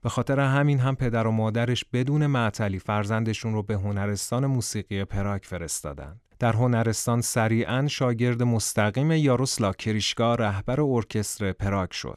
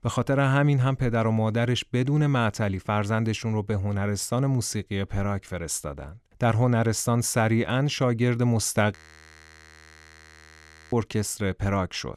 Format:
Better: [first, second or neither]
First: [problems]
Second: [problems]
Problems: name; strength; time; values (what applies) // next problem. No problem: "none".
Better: first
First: none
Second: audio freezing; at 9 s for 2 s